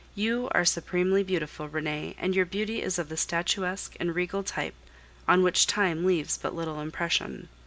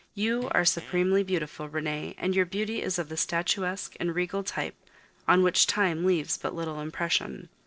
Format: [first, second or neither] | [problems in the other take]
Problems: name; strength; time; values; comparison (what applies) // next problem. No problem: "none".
first | noise reduction (neural separator model SepFormer DNS4)